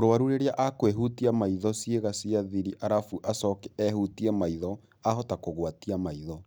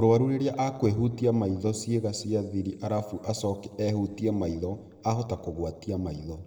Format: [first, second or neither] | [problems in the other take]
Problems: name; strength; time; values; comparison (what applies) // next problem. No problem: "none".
first | room echo; dies away in 1.4 s